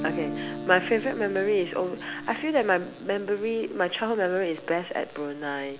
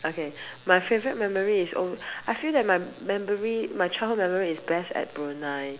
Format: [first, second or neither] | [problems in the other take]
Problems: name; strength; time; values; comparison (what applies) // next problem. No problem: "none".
second | background sound (Guitar); 12 dB below the speech